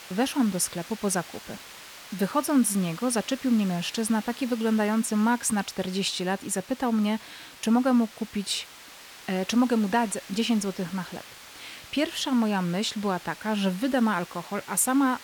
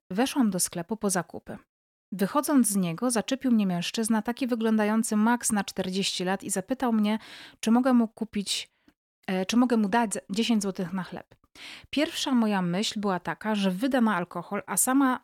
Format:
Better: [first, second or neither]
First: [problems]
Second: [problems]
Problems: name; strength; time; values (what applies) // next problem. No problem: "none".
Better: second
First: hiss; noticeable; throughout; 15 dB below the speech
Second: none